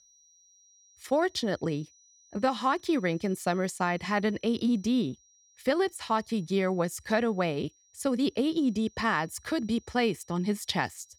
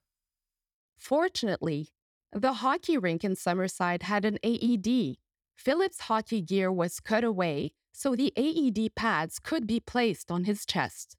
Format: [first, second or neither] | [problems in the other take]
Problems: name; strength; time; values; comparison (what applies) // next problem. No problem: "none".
second | high-pitched whine; faint; throughout; 6 kHz, 30 dB below the speech